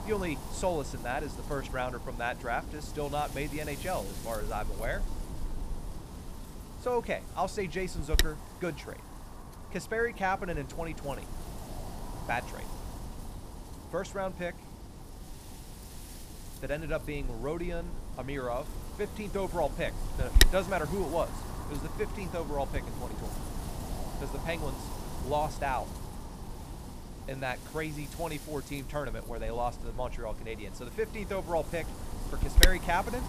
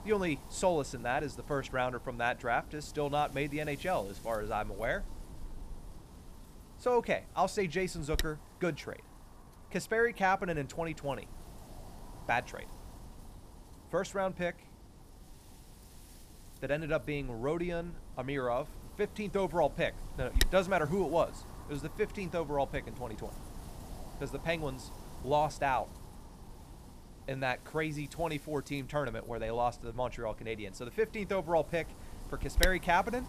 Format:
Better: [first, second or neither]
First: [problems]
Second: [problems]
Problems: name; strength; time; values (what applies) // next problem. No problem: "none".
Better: second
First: wind noise on the microphone; heavy; 6 dB below the speech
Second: wind noise on the microphone; occasional gusts; 15 dB below the speech